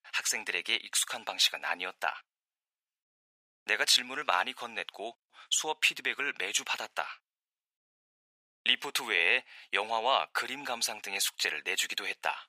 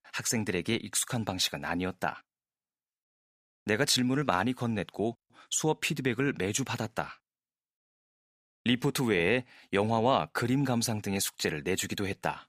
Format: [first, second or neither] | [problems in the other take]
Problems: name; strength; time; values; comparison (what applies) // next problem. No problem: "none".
second | thin; very; fading below 850 Hz